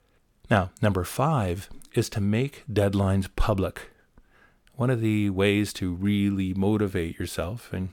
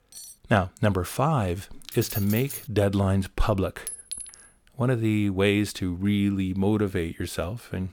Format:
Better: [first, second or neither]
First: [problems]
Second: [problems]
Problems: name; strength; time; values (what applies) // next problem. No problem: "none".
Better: first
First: none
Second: clattering dishes; faint; at the start; peak 15 dB below the speech // jangling keys; noticeable; at 2 s; peak 7 dB below the speech // clattering dishes; noticeable; at 4 s; peak 8 dB below the speech